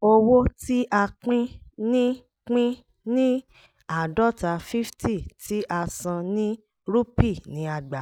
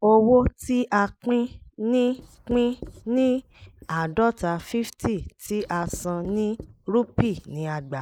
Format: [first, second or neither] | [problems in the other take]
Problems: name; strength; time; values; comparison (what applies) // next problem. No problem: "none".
first | noise reduction (neural mask model Resemble Enhance denoiser)